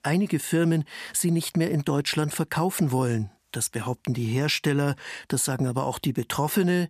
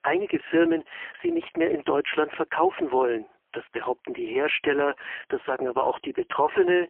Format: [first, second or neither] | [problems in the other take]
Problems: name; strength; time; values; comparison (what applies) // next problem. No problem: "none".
first | phone-call audio; poor line; nothing above 3 kHz